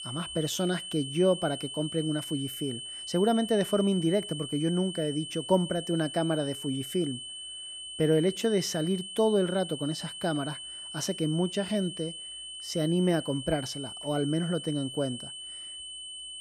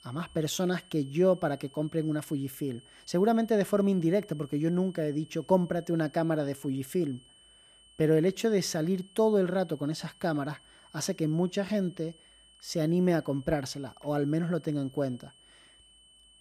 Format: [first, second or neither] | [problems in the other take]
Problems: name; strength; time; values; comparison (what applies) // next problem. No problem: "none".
second | high-pitched whine; loud; throughout; 3 kHz, 9 dB below the speech; faint in the second